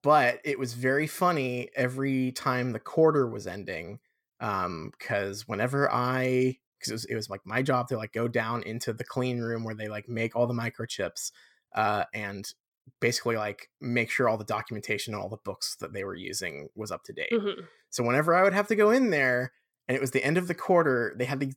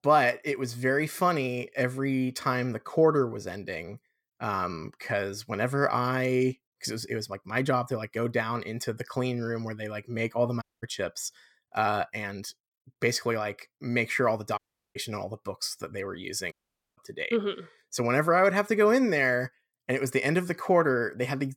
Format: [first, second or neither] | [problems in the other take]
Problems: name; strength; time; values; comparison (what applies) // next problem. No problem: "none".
first | audio cutting out; at 11 s, at 15 s and at 17 s